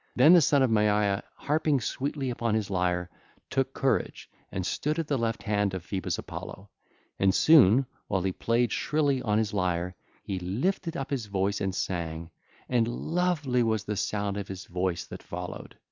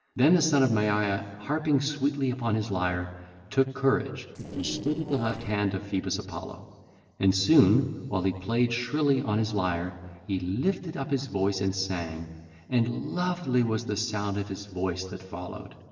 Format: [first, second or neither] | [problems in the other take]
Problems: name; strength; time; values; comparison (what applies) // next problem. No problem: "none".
first | noise reduction (neural separator model SepFormer DNS4)